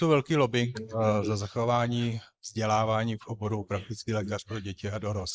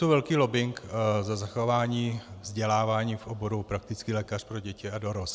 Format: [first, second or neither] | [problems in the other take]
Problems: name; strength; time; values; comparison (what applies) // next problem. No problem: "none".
second | noise reduction (neural mask model Resemble Enhance denoiser)